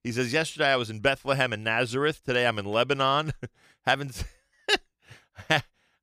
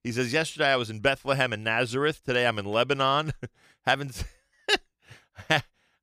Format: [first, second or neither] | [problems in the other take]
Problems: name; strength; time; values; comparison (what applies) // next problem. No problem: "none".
neither | none